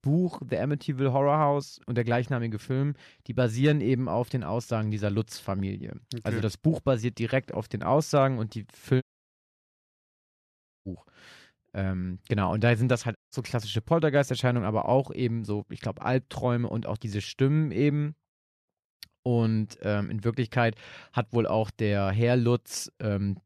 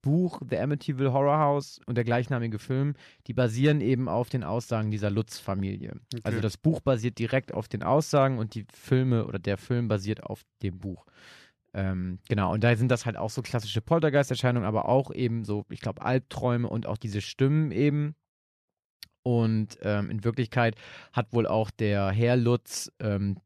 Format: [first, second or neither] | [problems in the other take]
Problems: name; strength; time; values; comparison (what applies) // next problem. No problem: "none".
second | audio cutting out; at 9 s for 2 s and at 13 s